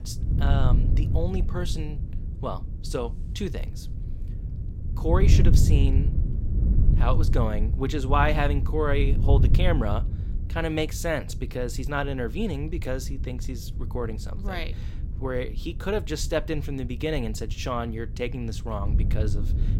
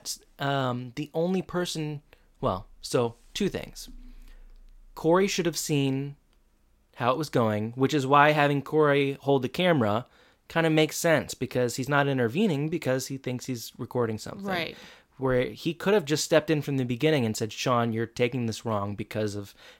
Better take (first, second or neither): second